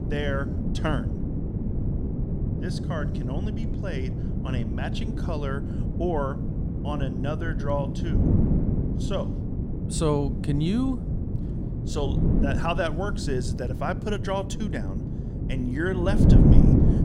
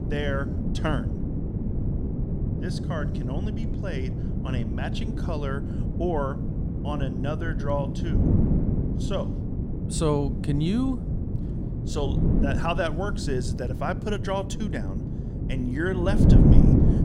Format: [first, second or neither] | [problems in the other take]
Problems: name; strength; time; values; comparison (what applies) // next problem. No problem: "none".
neither | wind noise on the microphone; heavy; 4 dB below the speech; the same in both